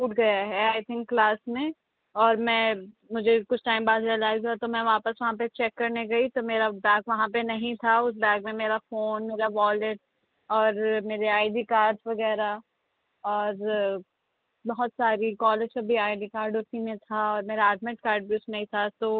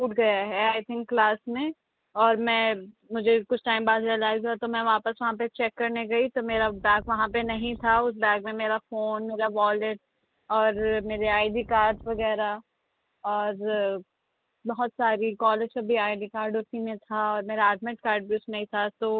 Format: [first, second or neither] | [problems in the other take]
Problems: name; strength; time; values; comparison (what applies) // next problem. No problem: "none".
first | background sound (Wind); 18 dB below the speech